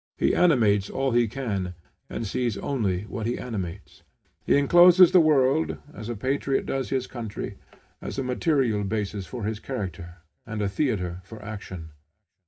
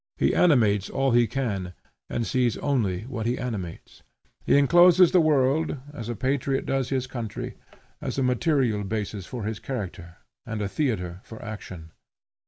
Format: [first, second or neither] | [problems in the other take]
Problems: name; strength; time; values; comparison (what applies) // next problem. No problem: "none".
second | room echo; dies away in 0.3 s